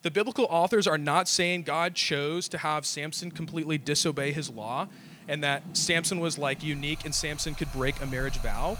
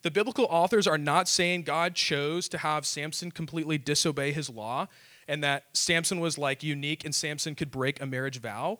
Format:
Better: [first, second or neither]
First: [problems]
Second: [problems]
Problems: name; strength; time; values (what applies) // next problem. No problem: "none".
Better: second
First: rain or running water; noticeable; throughout; 15 dB below the speech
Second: none